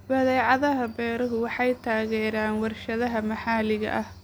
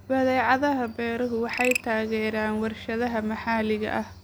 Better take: first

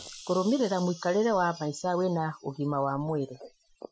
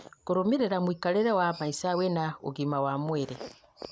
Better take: second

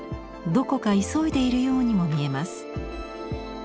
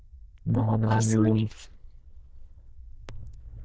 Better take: first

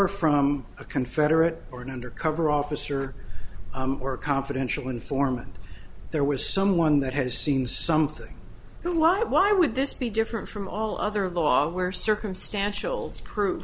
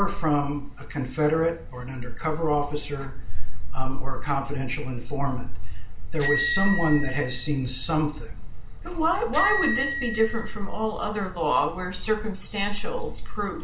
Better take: first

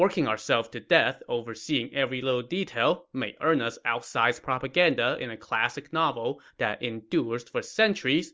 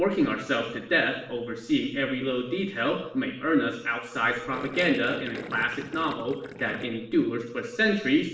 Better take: first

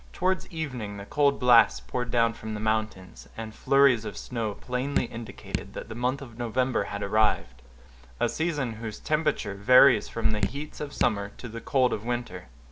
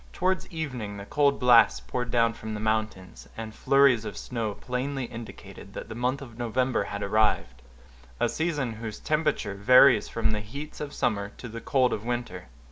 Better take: second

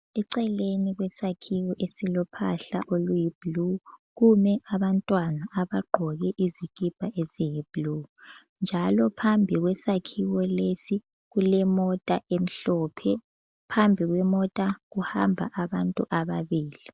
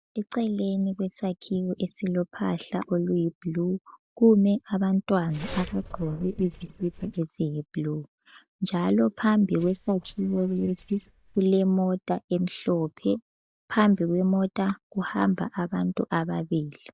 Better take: first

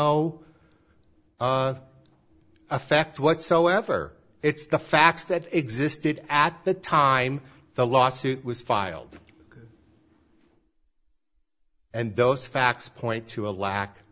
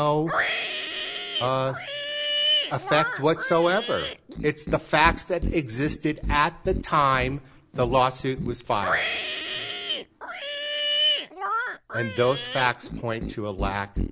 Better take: first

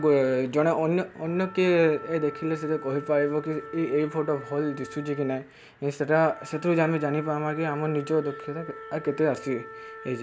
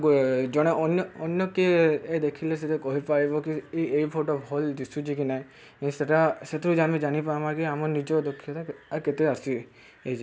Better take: second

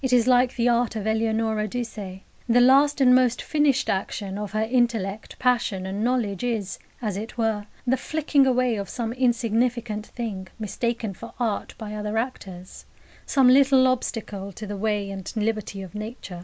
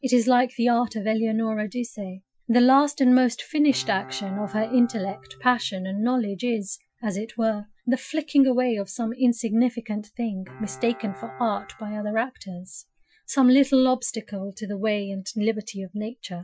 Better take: first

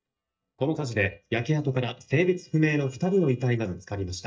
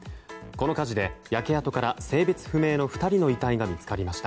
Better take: second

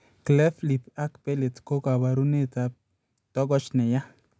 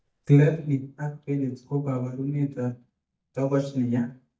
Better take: first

